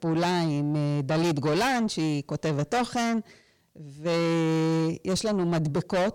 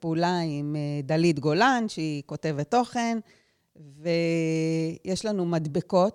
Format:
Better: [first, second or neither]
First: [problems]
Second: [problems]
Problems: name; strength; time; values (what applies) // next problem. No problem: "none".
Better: second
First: distortion; heavy; 7 dB below the speech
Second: none